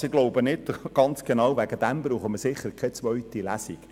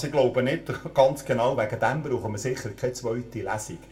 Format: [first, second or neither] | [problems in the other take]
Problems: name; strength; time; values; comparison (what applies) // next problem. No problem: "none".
first | room echo; dies away in 0.2 s